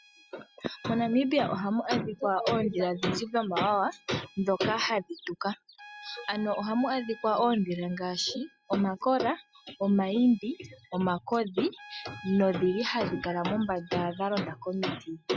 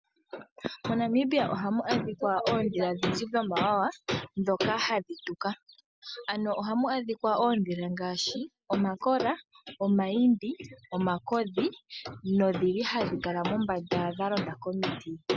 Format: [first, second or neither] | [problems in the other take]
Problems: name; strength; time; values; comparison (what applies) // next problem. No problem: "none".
second | noise reduction (classical method log-MMSE)